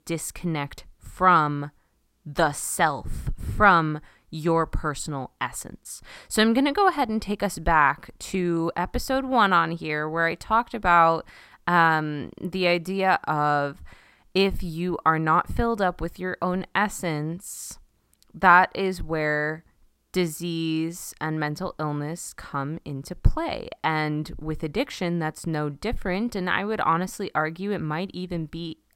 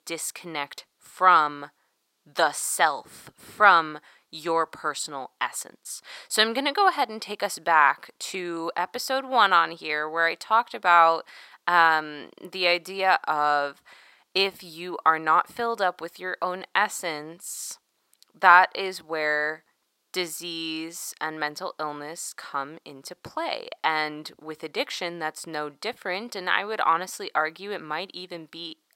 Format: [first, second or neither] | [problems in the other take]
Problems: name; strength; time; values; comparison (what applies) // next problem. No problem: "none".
first | thin; very; fading below 500 Hz